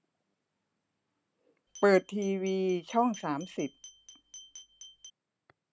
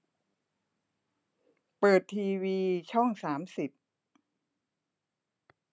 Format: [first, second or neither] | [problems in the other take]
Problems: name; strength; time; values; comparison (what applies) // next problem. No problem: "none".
second | background sound (Glass); 20 dB below the speech